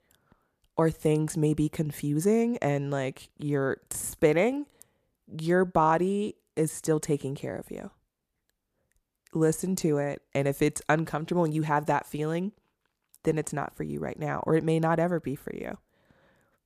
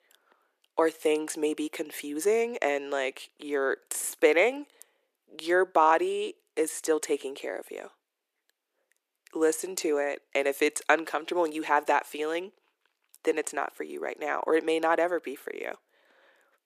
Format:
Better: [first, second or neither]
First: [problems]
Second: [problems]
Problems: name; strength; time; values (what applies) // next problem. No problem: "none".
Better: first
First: none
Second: thin; very; fading below 350 Hz